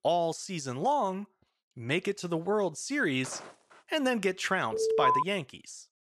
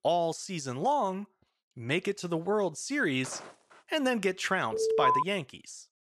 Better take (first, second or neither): neither